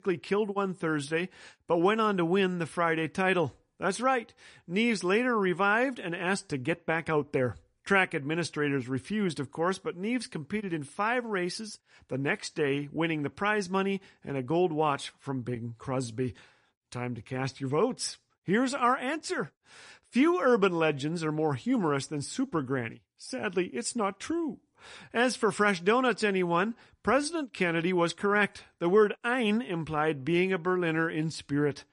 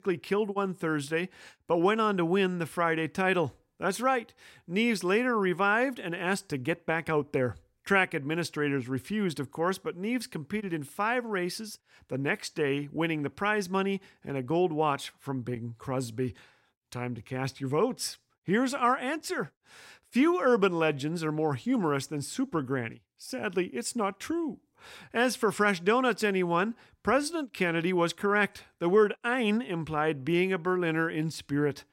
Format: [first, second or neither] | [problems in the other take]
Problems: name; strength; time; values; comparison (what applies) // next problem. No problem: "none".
second | garbled, watery; slightly; nothing above 10.5 kHz